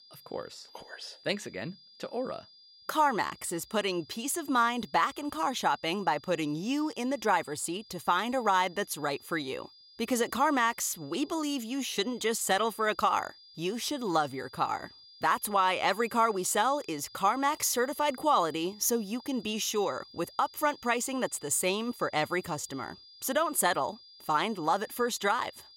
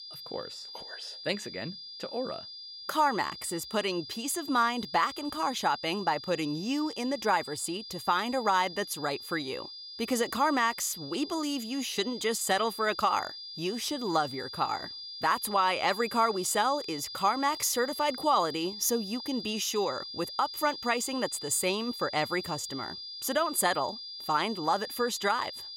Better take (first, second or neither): first